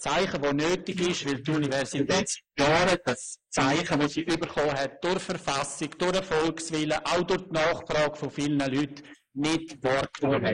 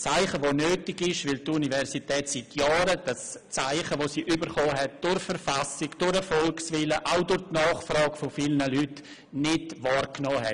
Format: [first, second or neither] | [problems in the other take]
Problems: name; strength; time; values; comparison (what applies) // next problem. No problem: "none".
second | noise reduction (neural mask model Resemble Enhance denoiser)